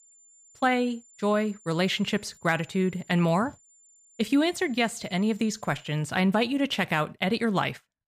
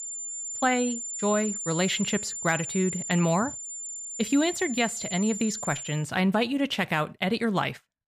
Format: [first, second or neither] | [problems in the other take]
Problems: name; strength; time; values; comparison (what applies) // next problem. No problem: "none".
first | high-pitched whine; loud; until 6 s; 7 kHz, 6 dB below the speech; faint in the first